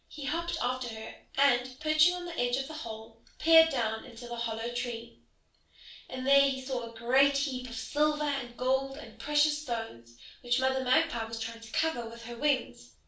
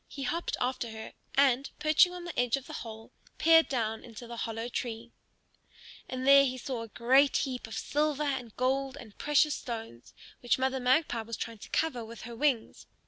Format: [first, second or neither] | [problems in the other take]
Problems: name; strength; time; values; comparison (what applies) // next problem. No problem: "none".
second | room echo; dies away in 0.3 s